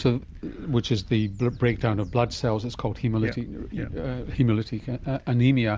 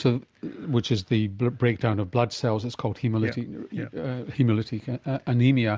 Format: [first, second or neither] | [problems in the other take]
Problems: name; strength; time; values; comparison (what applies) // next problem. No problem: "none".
second | background sound (Wind / Bird); 15 dB below the speech